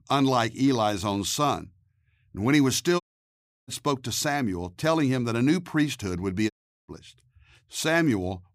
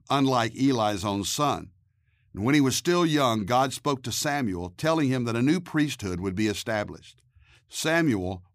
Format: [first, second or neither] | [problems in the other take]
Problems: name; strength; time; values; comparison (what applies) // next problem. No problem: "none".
second | audio cutting out; at 3 s for 0.5 s and at 6.5 s